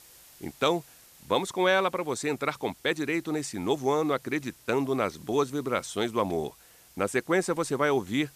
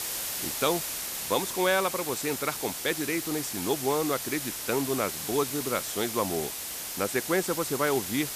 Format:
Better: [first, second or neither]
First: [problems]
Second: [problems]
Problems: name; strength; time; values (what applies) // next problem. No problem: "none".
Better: first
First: hiss; faint; throughout; 25 dB below the speech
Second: hiss; loud; throughout; 3 dB below the speech